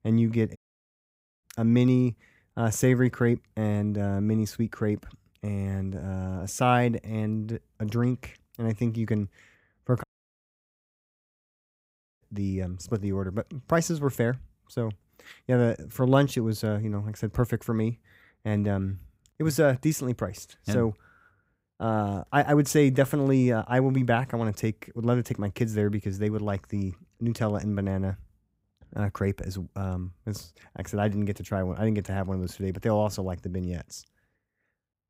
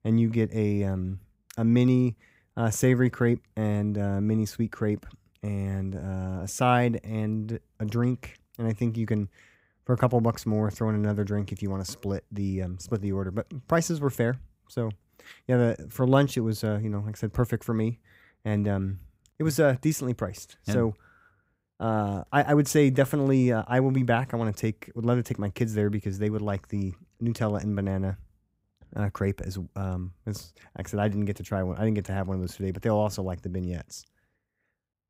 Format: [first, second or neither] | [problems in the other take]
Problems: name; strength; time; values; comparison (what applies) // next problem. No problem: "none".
second | audio cutting out; at 0.5 s for 1 s and at 10 s for 2 s